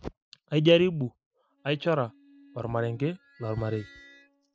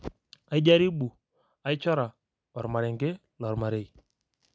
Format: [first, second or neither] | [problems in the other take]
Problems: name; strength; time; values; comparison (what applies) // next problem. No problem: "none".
second | noise reduction (classical method spectral subtraction)